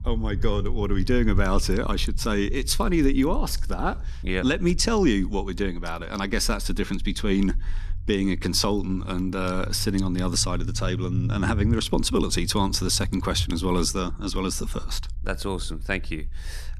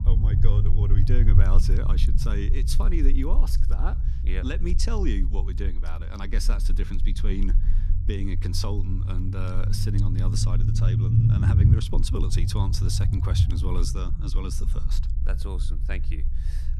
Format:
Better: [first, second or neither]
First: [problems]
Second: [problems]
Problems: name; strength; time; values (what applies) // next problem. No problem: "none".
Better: first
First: low rumble; faint; throughout; 20 dB below the speech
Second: low rumble; loud; throughout; 3 dB below the speech